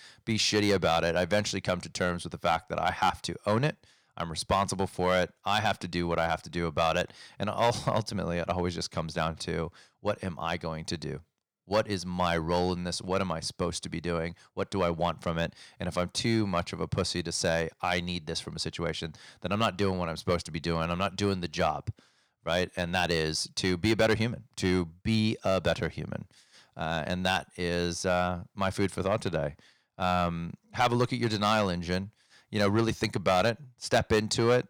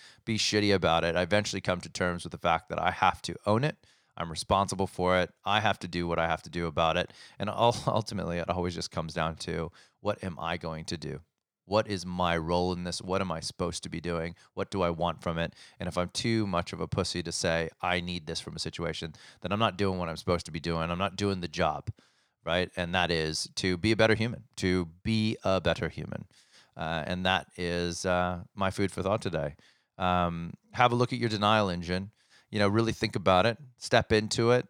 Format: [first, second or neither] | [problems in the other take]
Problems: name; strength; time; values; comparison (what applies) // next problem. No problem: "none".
second | distortion; slight; 1.7% of the sound clipped